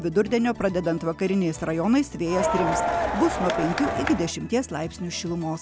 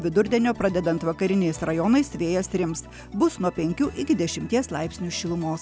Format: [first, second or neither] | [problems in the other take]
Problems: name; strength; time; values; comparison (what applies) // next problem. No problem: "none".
second | background sound (Crowd); 1 dB below the speech